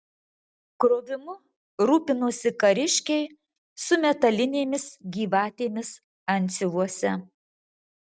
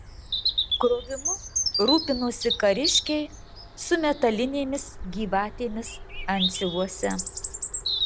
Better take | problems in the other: first | background sound (Bird vocalization, bird call, bird song); 3 dB below the speech

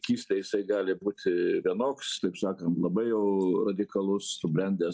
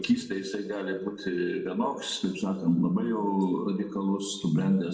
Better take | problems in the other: first | room echo; dies away in 0.7 s

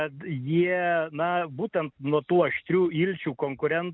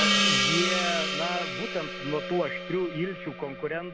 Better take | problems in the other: first | background sound (Gong); 3 dB above the speech

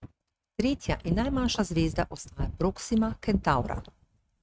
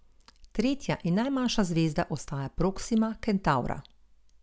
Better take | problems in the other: second | noise reduction (neural mask model RNNoise)

